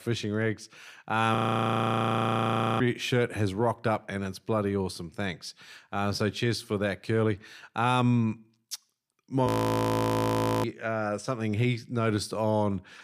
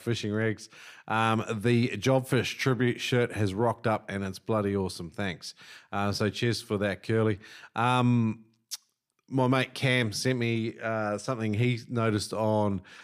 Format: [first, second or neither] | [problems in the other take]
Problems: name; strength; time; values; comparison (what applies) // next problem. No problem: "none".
second | audio freezing; at 1.5 s for 1.5 s and at 9.5 s for 1 s